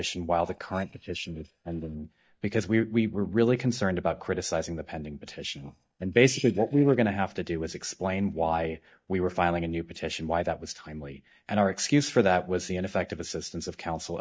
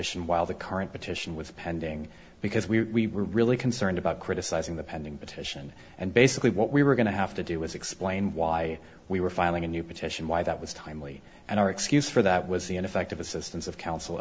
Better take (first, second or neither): second